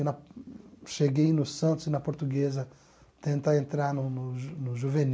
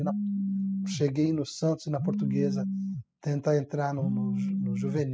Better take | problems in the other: first | noise reduction (classical method spectral subtraction)

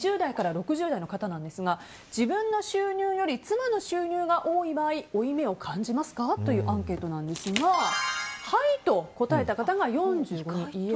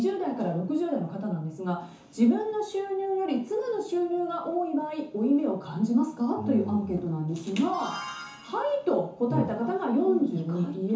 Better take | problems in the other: first | room echo; dies away in 0.9 s

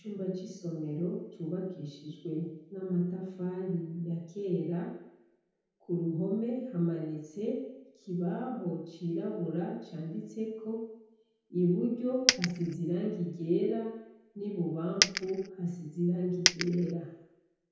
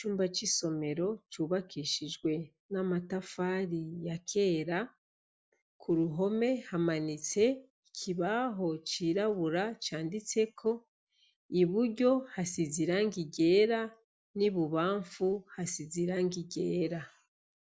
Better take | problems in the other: second | background sound (Coin (dropping)); 3 dB above the speech // room echo; dies away in 0.9 s

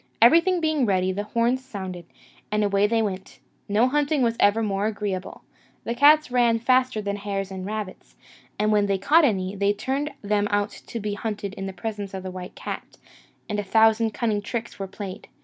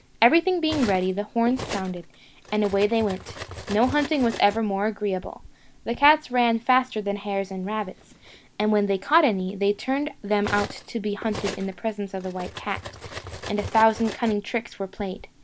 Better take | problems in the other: first | background sound (Cutlery, silverware); 15 dB below the speech

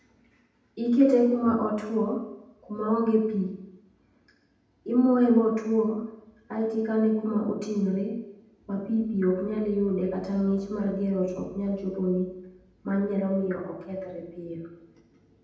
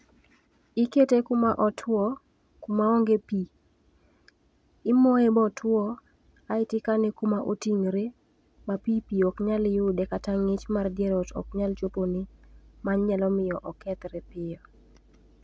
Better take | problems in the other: second | room echo; dies away in 0.8 s

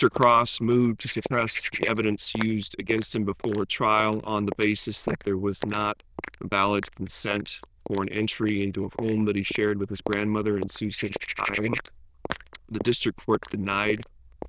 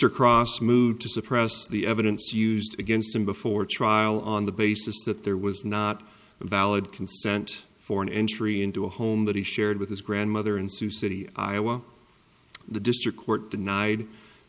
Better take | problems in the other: second | noise reduction (neural diffusion model UNIVERSE++)

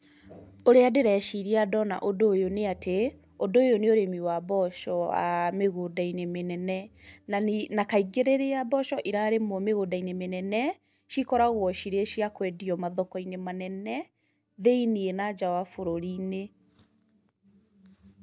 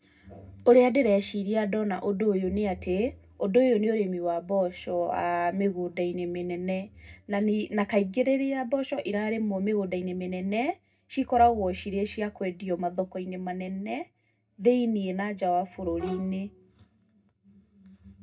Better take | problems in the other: first | background sound (Bowed string instrument); 12 dB below the speech // room echo; dies away in 0.2 s

